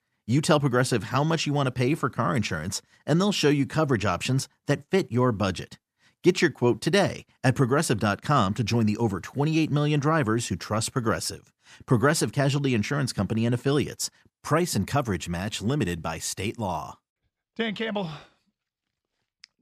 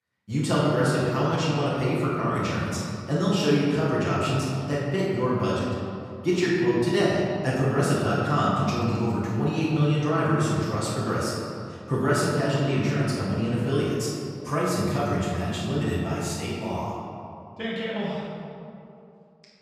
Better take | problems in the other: first | off-mic speech; far // room echo; strong; dies away in 2.2 s

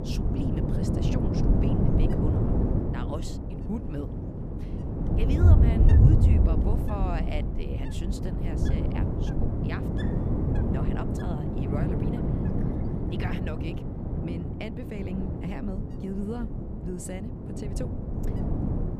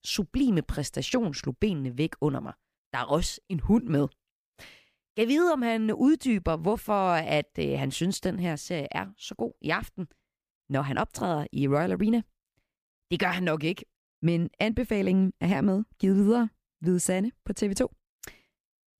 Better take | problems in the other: second | wind noise on the microphone; heavy; 3 dB above the speech

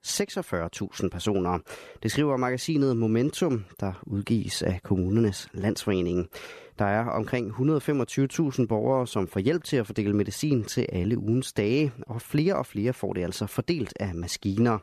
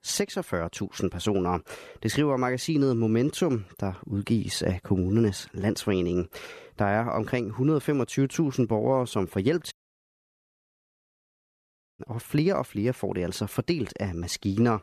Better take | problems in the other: first | audio cutting out; at 9.5 s for 2.5 s

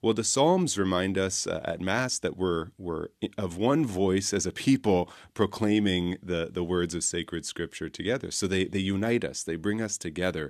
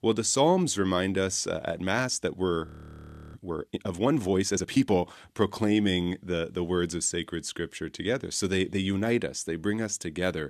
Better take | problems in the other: first | audio freezing; at 2.5 s for 0.5 s

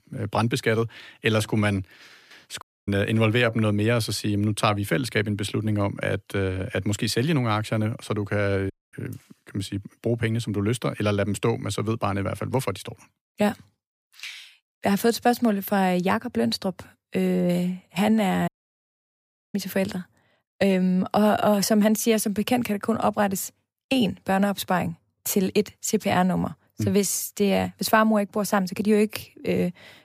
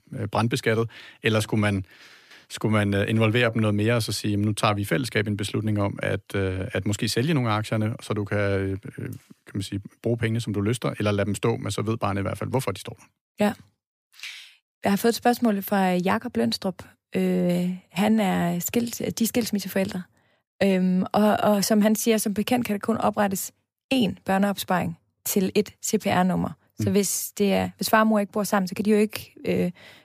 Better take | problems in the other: second | audio cutting out; at 2.5 s, at 8.5 s and at 18 s for 1 s

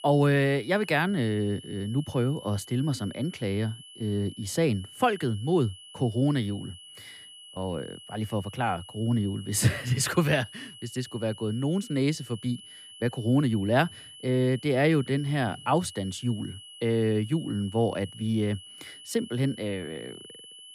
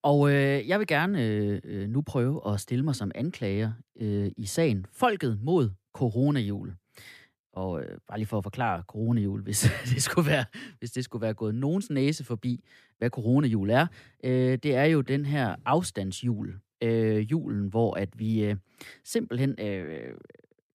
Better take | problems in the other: second | high-pitched whine; noticeable; throughout; 3 kHz, 15 dB below the speech

